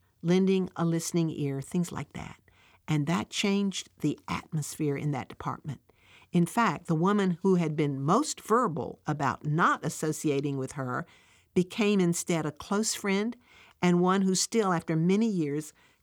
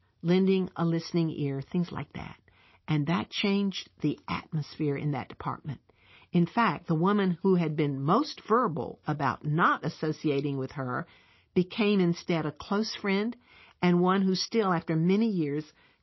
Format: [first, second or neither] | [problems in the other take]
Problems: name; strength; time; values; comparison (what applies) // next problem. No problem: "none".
first | garbled, watery; slightly; nothing above 5.5 kHz